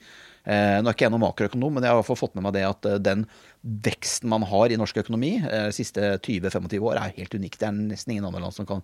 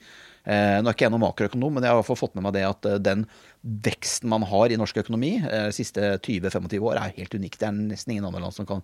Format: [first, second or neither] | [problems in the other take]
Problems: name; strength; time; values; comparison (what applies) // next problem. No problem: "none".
neither | none